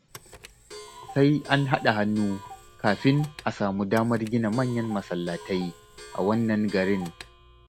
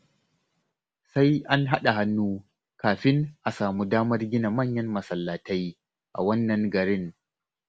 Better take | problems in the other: second | background sound (Clock); 18 dB below the speech

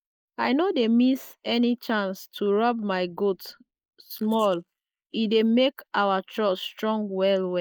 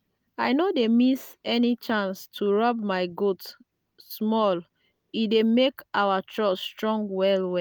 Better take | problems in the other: second | noise reduction (neural mask model Resemble Enhance denoiser)

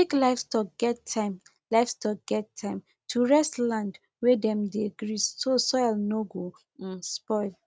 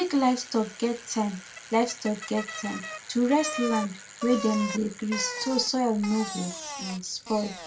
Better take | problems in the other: first | background sound (Bicycle); 10 dB below the speech // room echo; dies away in 0.2 s

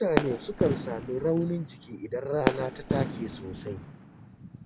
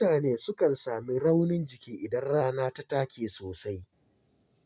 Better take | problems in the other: second | background sound (Fireworks); 2 dB below the speech

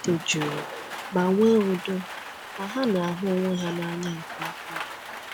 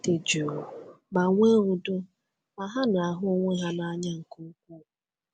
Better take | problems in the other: second | background sound (Rain); 11 dB below the speech

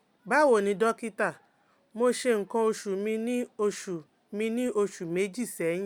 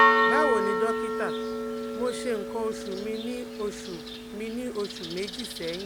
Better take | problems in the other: first | background sound (Church bell); 4 dB above the speech

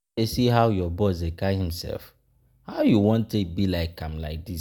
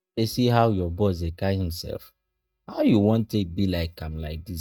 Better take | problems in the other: first | noise reduction (neural mask model DeepFilterNet 3)

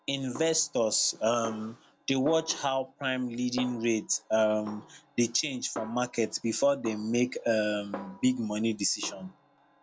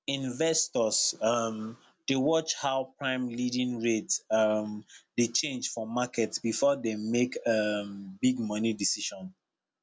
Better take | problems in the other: second | background sound (Snare drum); 18 dB below the speech

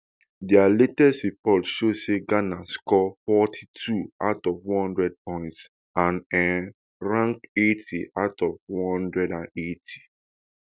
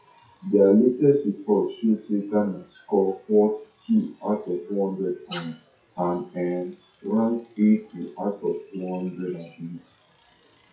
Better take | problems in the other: first | noise reduction (classical method WPE with log-MMSE)

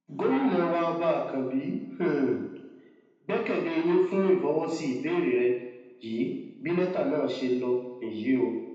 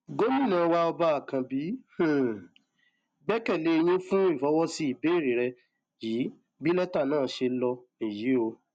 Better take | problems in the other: second | room echo; dies away in 0.9 s

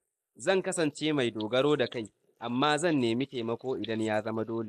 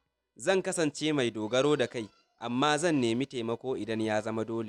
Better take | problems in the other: second | noise reduction (neural mask model Resemble Enhance denoiser)

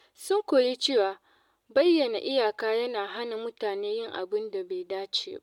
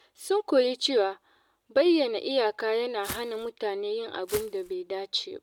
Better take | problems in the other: first | background sound (Walk, footsteps); 13 dB below the speech

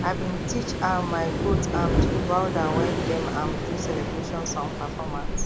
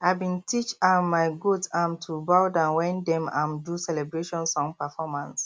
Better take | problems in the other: second | background sound (Waves, surf); 3 dB above the speech

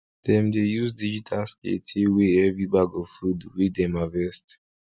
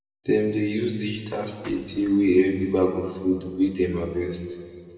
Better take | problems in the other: first | noise reduction (neural separator model SepFormer DNS4)

